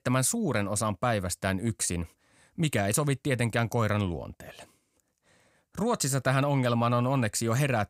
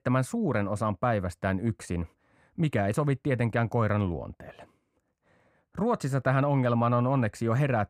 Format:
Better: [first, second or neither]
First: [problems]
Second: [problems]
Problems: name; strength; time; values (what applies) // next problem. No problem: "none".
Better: first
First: none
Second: muffled; very; fading above 3 kHz